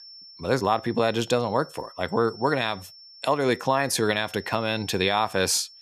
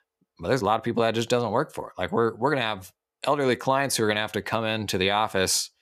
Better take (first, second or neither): second